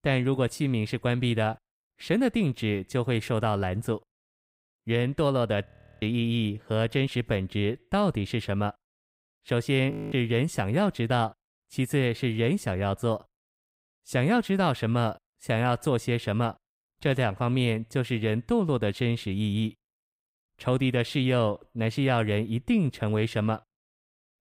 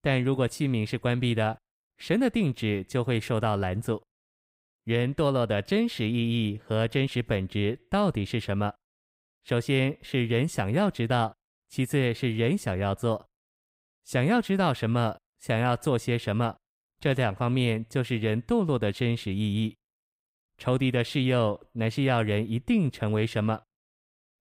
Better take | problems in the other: second | audio freezing; at 5.5 s and at 10 s

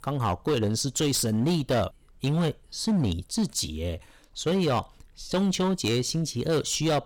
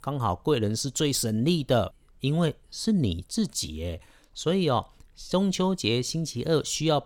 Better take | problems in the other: second | distortion; slight; 10% of the sound clipped

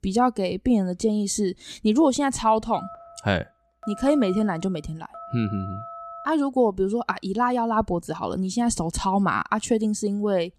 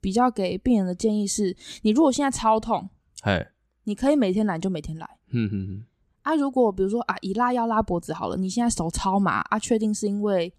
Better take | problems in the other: second | phone ringing; faint; from 2.5 to 6.5 s; peak 15 dB below the speech

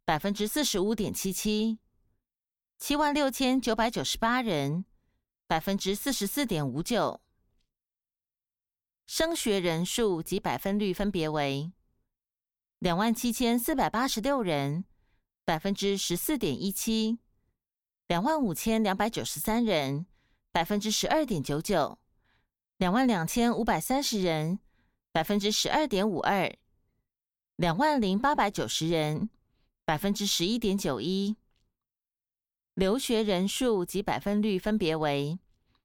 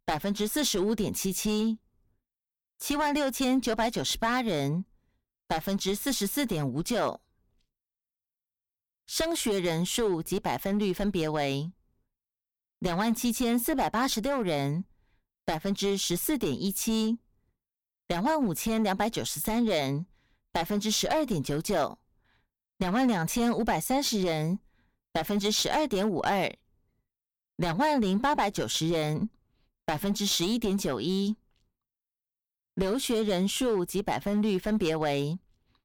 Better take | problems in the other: first | distortion; slight; 5% of the sound clipped

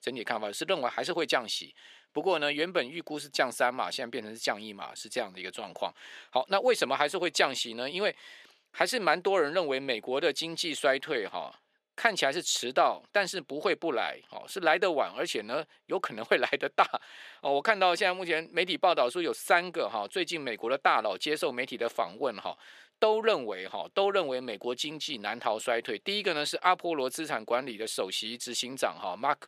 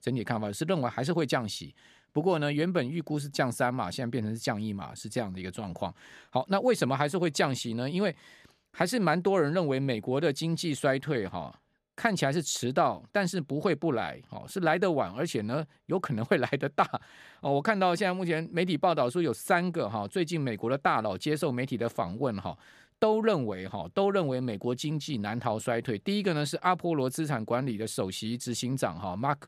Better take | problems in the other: second | thin; somewhat; fading below 450 Hz

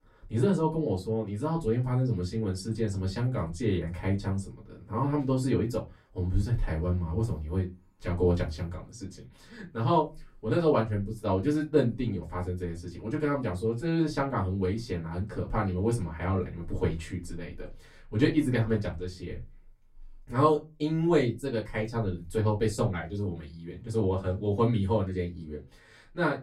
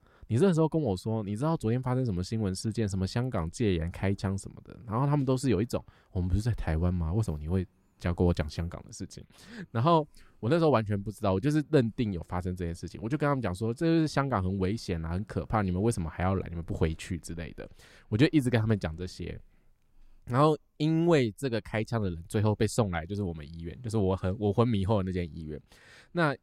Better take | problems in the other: second | off-mic speech; far // room echo; very slight; dies away in 0.2 s

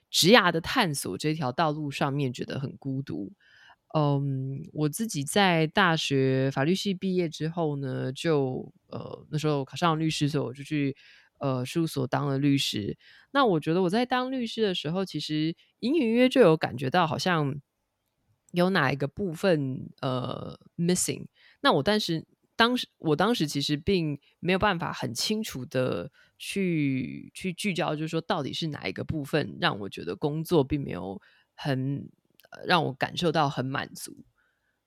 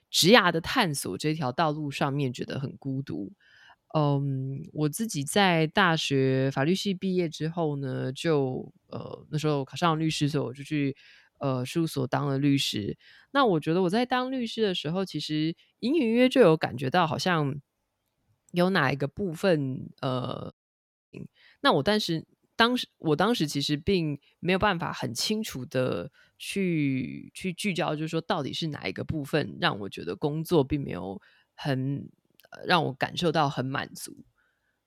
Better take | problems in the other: first | audio cutting out; at 21 s for 0.5 s

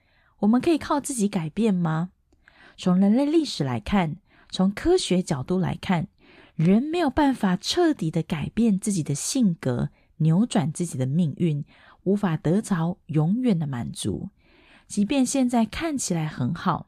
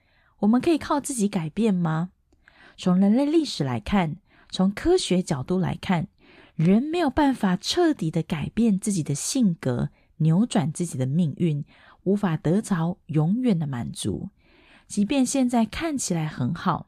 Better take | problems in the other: neither | none

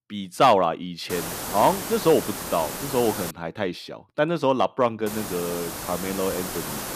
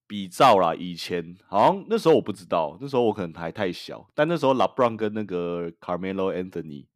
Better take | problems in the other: second | hiss; loud; from 1 to 3.5 s and from 5 s on; 7 dB below the speech

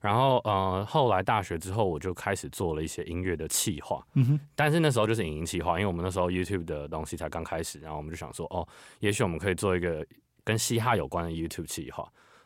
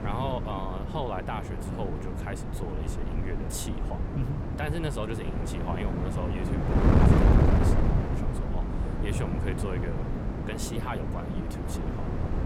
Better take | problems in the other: first | wind noise on the microphone; heavy; 2 dB above the speech

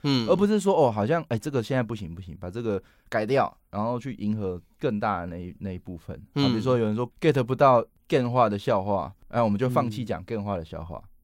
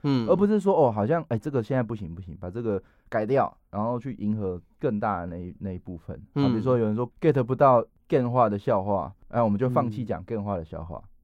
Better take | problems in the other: first | muffled; slightly; fading above 2 kHz

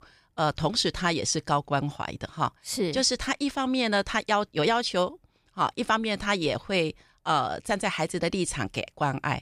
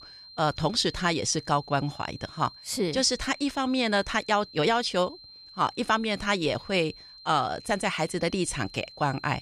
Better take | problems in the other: first | high-pitched whine; noticeable; throughout; 4 kHz, 20 dB below the speech

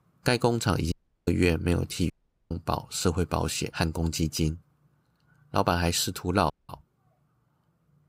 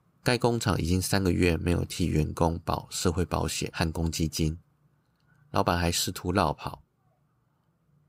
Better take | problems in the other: second | audio cutting out; at 1 s, at 2 s and at 6.5 s

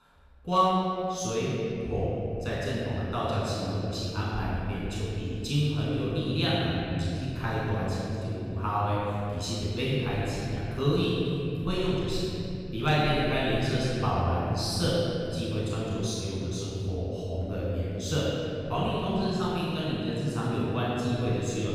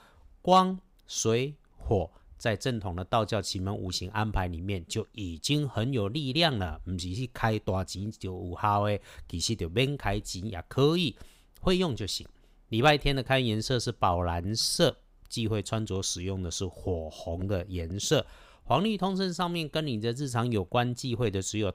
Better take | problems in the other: second | off-mic speech; far // room echo; strong; dies away in 3 s

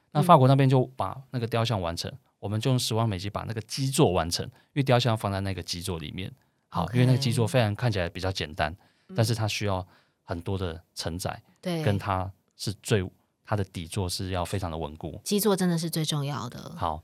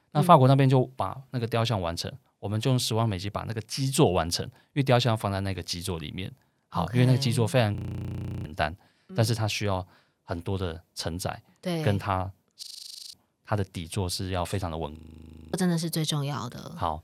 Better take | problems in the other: first | audio freezing; at 8 s for 0.5 s, at 13 s for 0.5 s and at 15 s for 0.5 s

